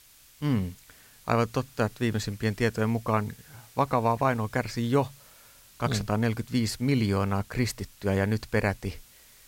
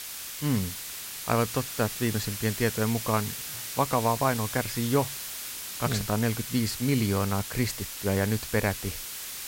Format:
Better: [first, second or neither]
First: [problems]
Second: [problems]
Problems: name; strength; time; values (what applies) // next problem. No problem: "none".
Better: first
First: hiss; faint; throughout; 25 dB below the speech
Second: hiss; loud; throughout; 6 dB below the speech